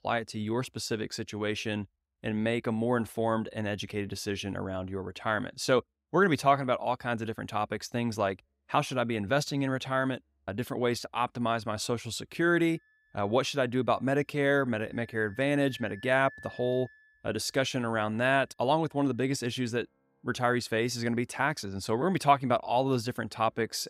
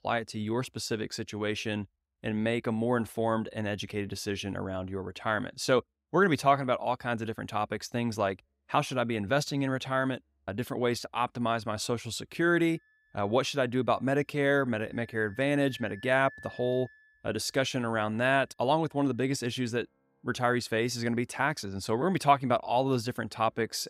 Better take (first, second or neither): neither